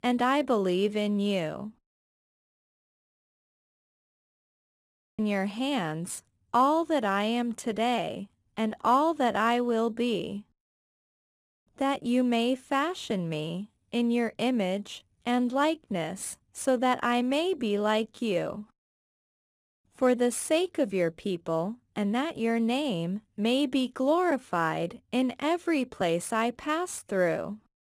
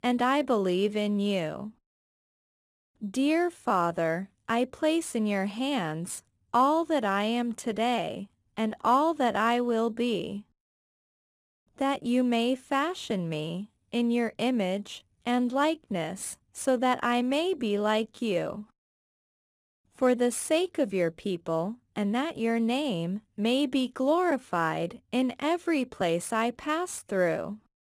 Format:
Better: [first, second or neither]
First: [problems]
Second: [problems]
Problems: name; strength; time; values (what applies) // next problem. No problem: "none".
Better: second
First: audio cutting out; at 3 s for 2.5 s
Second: none